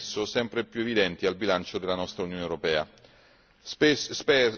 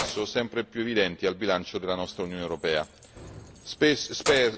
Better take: first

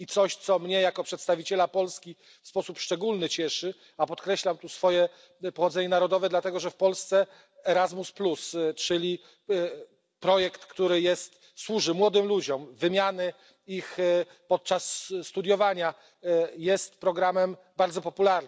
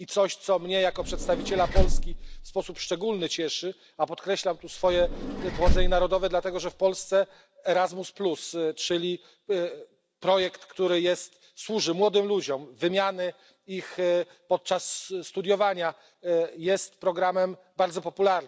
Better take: first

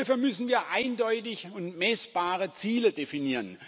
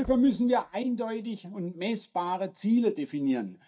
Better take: first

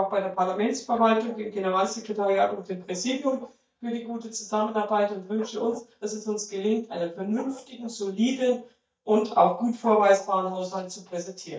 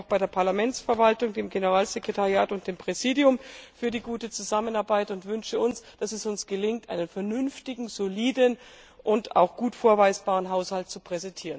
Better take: second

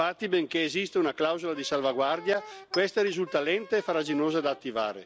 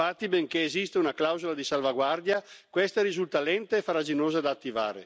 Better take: second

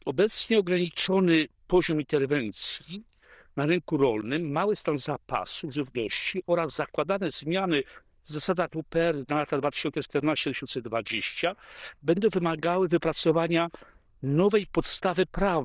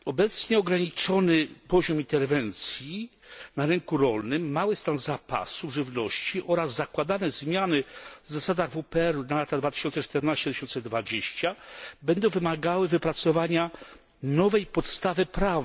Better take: second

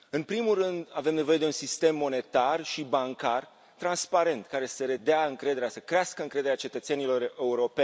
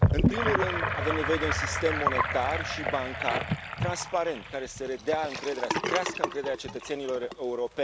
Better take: first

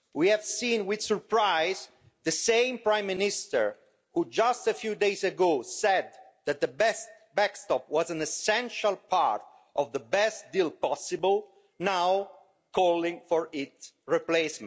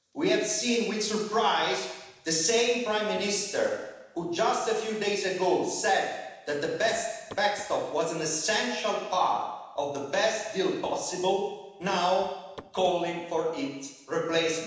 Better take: first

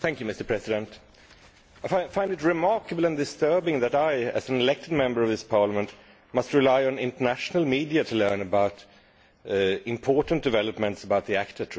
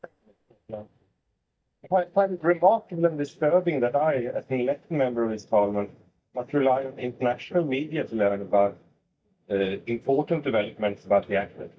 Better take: first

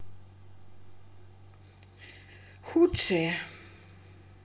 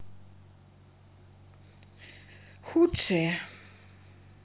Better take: second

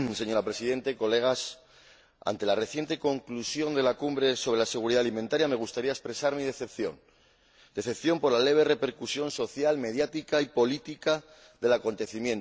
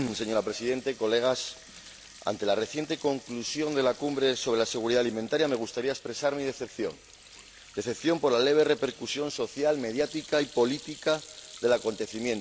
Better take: first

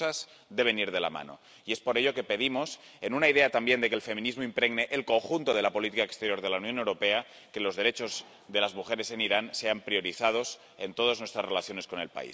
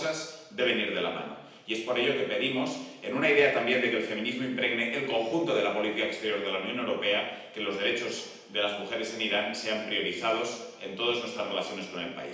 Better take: first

